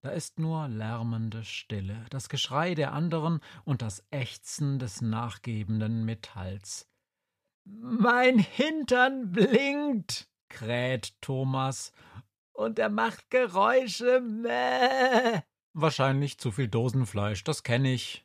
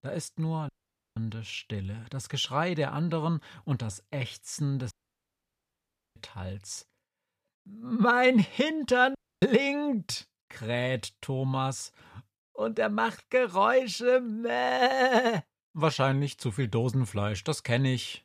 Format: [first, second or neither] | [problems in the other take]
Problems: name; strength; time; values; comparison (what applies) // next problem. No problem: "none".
first | audio cutting out; at 0.5 s, at 5 s for 1.5 s and at 9 s